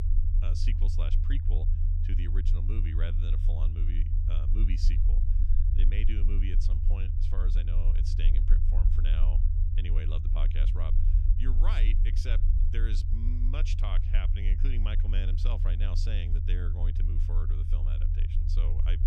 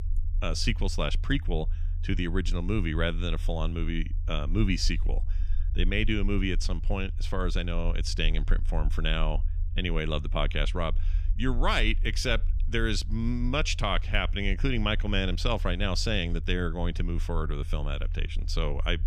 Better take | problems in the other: second | low rumble; loud; throughout; 4 dB below the speech; faint in the second

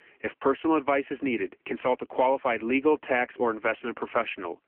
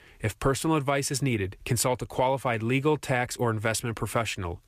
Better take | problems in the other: second | phone-call audio; poor line; nothing above 3 kHz

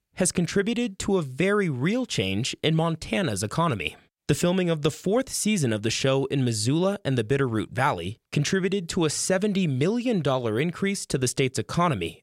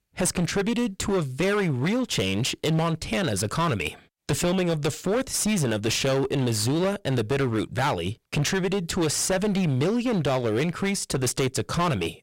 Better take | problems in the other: first | distortion; heavy; 22% of the sound clipped

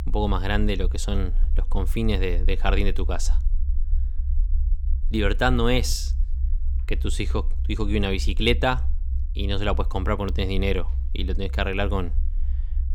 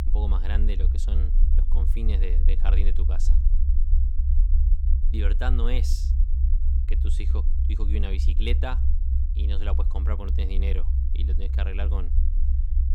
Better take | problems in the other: first | low rumble; loud; throughout; 7 dB below the speech; faint in the first

